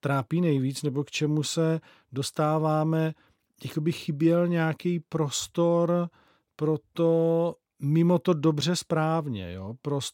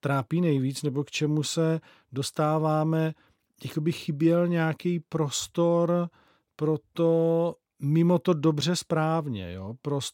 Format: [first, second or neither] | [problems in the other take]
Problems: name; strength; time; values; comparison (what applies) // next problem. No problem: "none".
neither | none